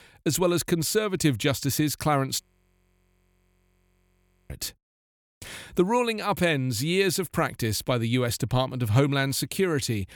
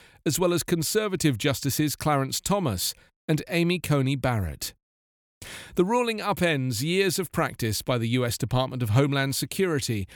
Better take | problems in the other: second | audio freezing; at 2.5 s for 2 s

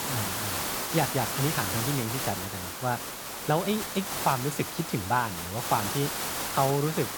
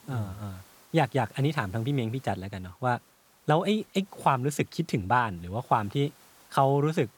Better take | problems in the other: second | hiss; loud; throughout; 1 dB below the speech; faint in the second

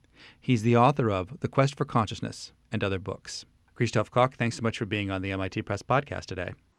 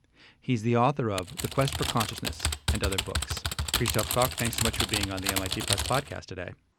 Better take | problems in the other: first | keyboard typing; loud; from 1 to 6 s; peak 4 dB above the speech

